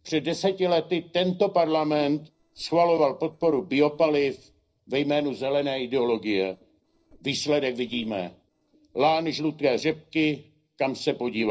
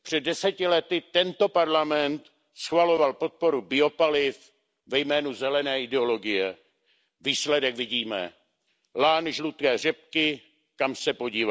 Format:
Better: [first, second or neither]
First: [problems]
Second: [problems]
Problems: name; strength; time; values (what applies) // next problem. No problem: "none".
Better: second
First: noise reduction (neural separator model SepFormer DNS4)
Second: none